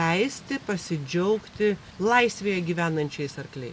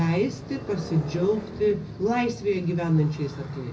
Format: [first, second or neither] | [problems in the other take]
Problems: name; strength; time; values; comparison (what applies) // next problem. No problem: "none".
first | background sound (Motorcycle); 14 dB below the speech // room echo; dies away in 0.4 s